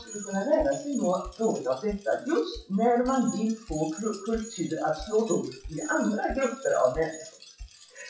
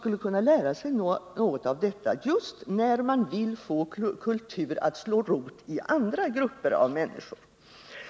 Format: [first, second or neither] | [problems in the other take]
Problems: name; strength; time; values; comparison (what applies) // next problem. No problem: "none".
second | noise reduction (classical method WPE with log-MMSE)